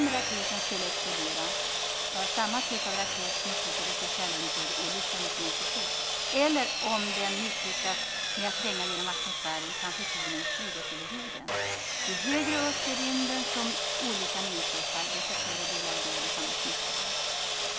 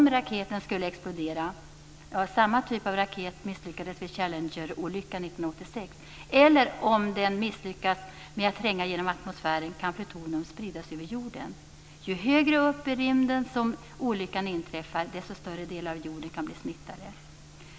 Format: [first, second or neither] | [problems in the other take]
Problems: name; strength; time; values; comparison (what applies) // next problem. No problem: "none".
second | background sound (Sawing); 5 dB above the speech